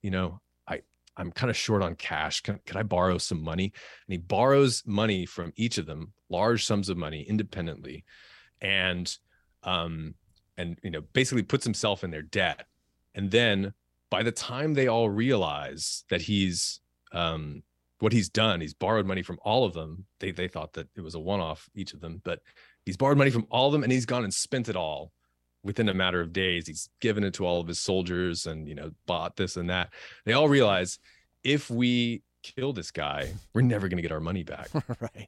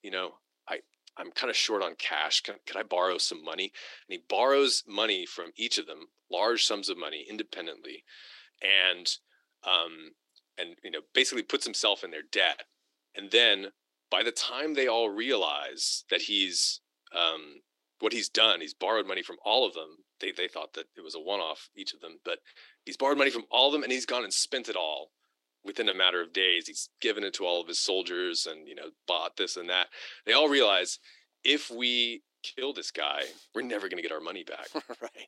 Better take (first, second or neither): first